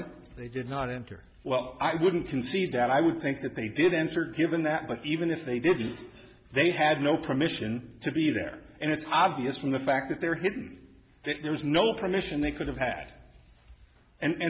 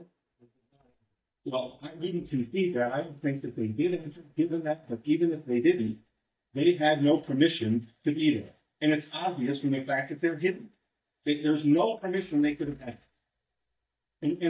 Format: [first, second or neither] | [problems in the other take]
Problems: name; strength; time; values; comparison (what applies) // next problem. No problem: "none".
first | noise reduction (neural mask model DeepFilterNet 3)